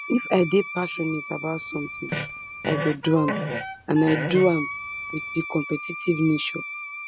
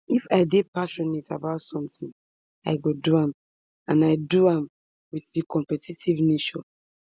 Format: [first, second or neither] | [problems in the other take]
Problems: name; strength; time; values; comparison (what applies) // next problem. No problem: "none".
second | background sound (Fart + Wind instrument, woodwind instrument); 7 dB below the speech